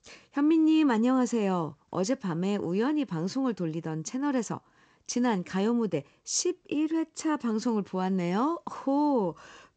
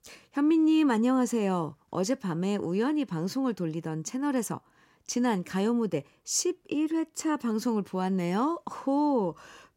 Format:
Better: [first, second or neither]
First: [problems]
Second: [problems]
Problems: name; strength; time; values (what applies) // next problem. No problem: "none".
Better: second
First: garbled, watery; slightly; nothing above 7.5 kHz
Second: none